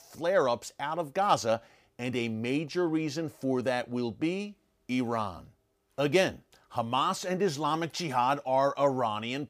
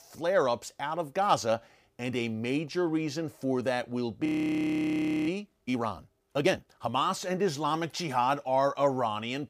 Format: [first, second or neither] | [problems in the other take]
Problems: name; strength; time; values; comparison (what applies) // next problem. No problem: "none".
first | audio freezing; at 4.5 s for 1 s